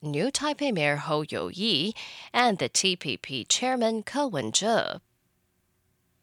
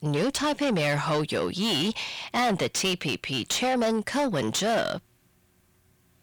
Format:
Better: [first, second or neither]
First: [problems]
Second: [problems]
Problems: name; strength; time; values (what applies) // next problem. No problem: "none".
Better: first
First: none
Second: distortion; heavy; 6 dB below the speech